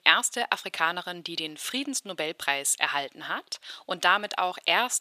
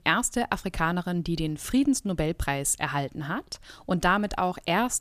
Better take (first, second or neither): second